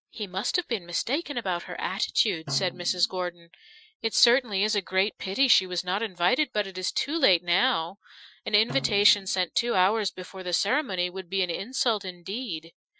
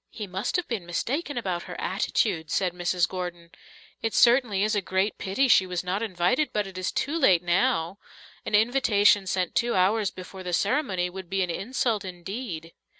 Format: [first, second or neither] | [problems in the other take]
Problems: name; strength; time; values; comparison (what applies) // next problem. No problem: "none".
second | noise reduction (classical method Wiener filter)